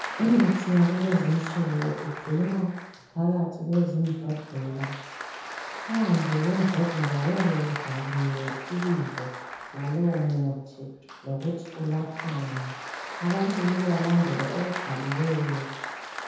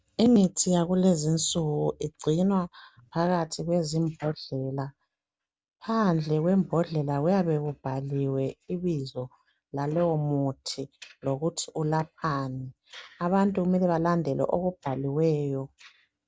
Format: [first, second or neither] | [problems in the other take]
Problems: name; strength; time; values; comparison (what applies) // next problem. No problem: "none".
second | background sound (Applause); 10 dB below the speech // room echo; dies away in 0.9 s